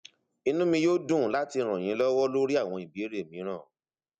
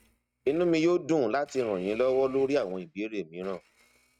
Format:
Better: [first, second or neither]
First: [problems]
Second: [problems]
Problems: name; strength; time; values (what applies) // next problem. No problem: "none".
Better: first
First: none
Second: noise reduction (neural mask model RNNoise)